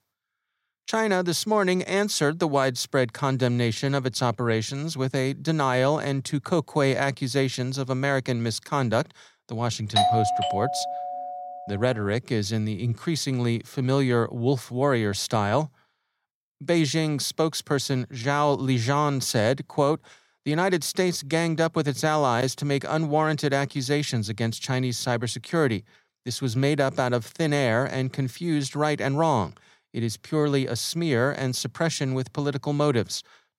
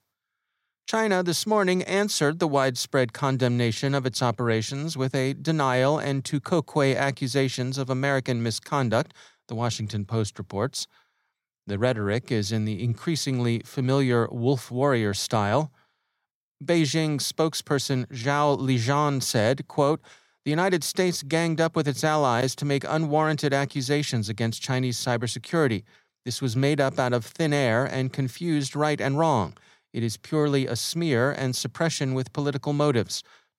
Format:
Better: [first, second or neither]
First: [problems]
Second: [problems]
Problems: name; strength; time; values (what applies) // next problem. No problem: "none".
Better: second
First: doorbell; loud; from 10 to 11 s; peak 4 dB above the speech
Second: none